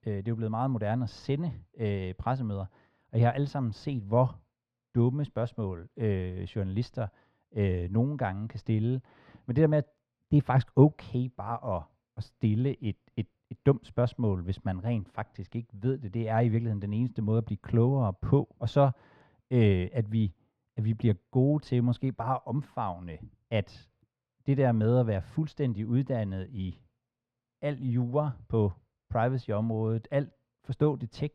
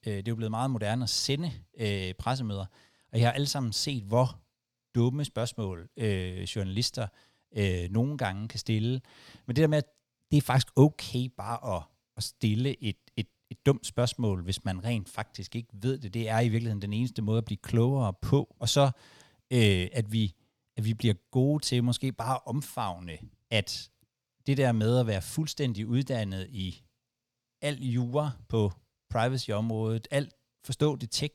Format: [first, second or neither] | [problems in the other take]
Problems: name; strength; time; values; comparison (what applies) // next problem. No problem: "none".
second | muffled; very; fading above 3.5 kHz